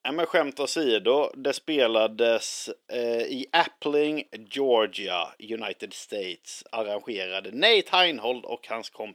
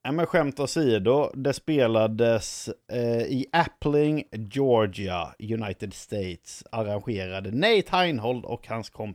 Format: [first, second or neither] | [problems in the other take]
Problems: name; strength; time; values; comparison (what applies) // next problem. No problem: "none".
second | thin; somewhat; fading below 300 Hz